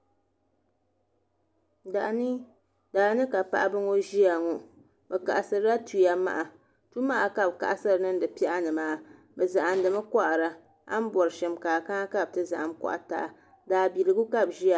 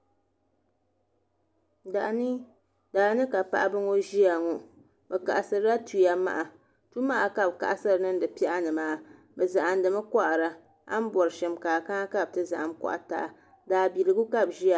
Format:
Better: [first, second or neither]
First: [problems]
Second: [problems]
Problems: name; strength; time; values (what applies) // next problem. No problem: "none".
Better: second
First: background sound (Gunshot, gunfire); 18 dB below the speech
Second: none